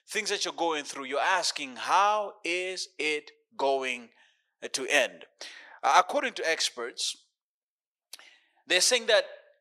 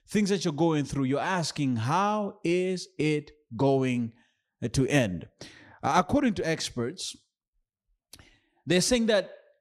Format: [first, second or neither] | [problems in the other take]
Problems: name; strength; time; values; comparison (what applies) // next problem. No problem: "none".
second | thin; very; fading below 550 Hz